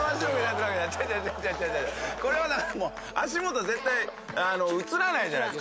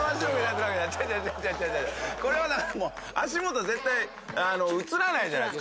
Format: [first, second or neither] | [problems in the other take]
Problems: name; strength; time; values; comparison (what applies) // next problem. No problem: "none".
second | background sound (Crushing + Trumpet); 18 dB below the speech